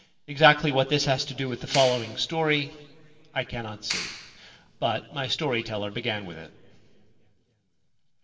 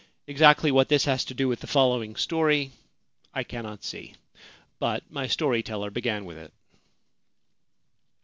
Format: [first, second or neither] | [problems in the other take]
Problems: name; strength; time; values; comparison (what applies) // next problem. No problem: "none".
second | background sound (Clapping); 10 dB below the speech // room echo; dies away in 1.8 s